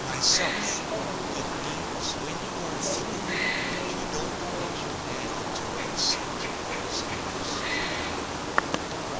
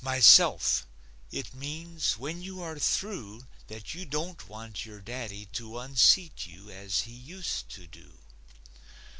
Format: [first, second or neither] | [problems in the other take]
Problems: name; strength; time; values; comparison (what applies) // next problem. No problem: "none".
second | background sound (Wild animals); 4 dB above the speech